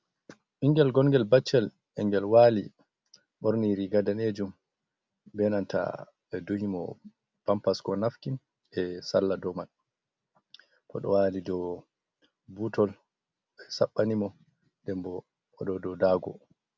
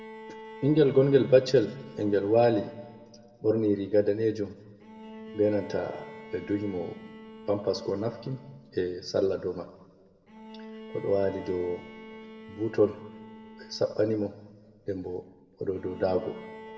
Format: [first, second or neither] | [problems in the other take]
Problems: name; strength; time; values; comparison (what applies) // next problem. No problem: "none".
first | background sound (Bowed string instrument); 18 dB below the speech // room echo; dies away in 1.2 s